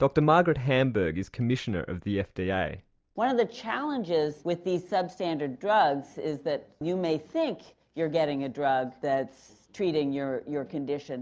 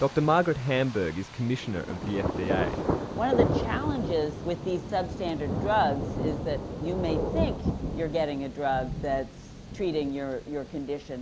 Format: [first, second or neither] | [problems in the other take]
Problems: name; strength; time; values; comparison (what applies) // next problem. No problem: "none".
first | background sound (Thunder); 3 dB below the speech